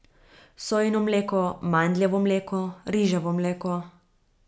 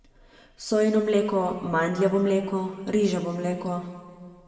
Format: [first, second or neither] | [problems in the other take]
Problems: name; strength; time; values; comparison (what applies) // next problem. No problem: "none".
first | room echo; dies away in 1.9 s